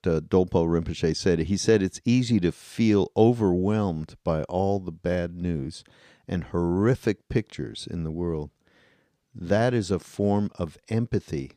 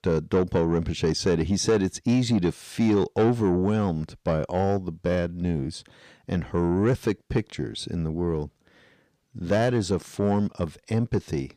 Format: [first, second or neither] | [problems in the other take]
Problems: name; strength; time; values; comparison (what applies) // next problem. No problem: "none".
first | distortion; slight; 10 dB below the speech